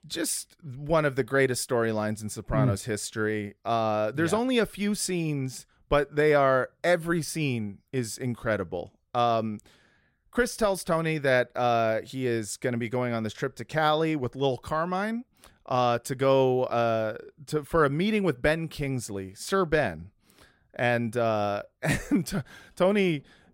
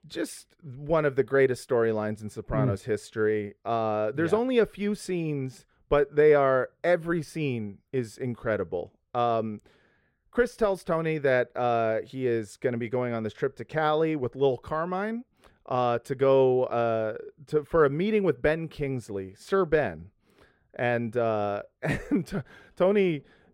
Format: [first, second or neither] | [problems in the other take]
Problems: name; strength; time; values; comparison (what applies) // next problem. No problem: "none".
first | muffled; slightly; fading above 4 kHz